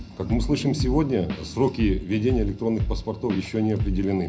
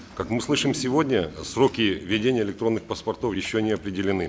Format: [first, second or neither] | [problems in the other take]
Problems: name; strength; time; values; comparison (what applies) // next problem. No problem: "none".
second | background sound (Drum / Drum kit); 6 dB below the speech // room echo; dies away in 0.4 s